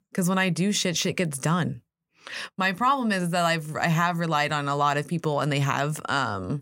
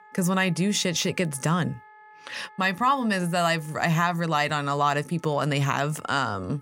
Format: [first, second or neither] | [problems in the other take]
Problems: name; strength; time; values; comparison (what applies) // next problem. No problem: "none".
first | background music; faint; throughout; 25 dB below the speech